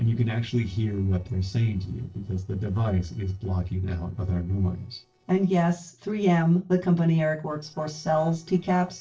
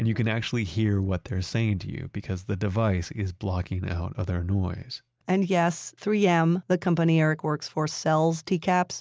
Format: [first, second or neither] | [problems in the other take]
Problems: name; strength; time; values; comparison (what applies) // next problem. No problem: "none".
second | noise reduction (neural separator model SepFormer DNS4)